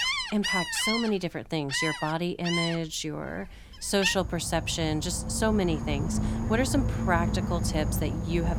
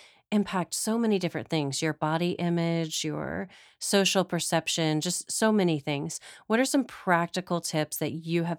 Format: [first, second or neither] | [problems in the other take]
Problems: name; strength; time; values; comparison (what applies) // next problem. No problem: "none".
second | animal sounds; loud; throughout; 1 dB below the speech